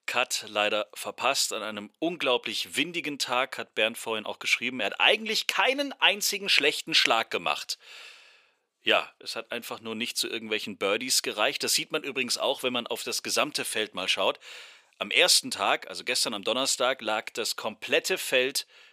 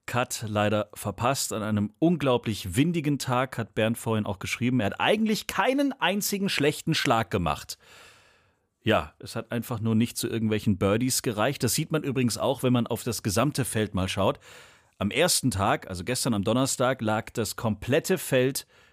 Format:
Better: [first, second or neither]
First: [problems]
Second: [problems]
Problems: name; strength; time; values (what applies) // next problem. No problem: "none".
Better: second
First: thin; somewhat; fading below 450 Hz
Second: none